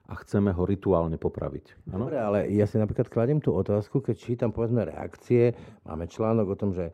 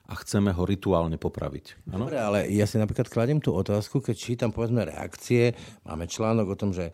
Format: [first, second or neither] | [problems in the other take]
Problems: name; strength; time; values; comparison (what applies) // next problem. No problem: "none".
second | muffled; very; fading above 2.5 kHz